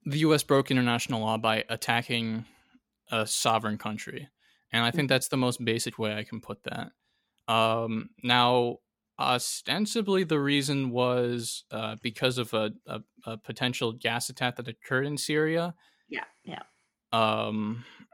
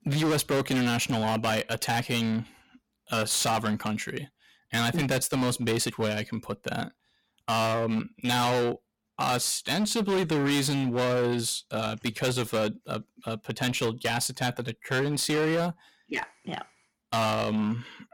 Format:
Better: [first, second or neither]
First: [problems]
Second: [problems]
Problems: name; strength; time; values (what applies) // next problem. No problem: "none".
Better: first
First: none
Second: distortion; heavy; 16% of the sound clipped